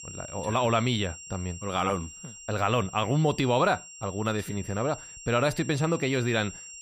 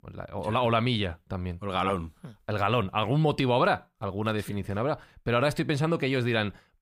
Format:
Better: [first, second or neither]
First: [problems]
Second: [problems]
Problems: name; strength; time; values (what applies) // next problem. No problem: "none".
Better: second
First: high-pitched whine; noticeable; throughout; 7.5 kHz, 15 dB below the speech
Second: none